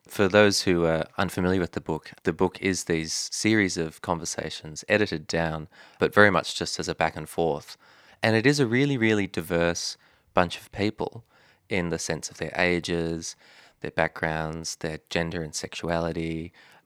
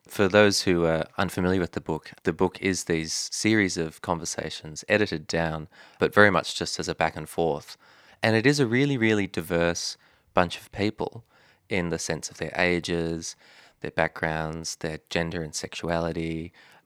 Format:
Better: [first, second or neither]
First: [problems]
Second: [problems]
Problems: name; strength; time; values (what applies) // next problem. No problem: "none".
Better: neither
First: none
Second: none